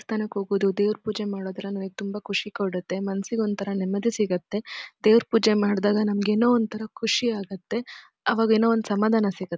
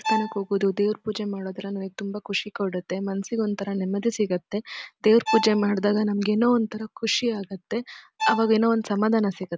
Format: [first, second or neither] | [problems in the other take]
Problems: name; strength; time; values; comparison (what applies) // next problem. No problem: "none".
first | background sound (Bowed string instrument); 7 dB below the speech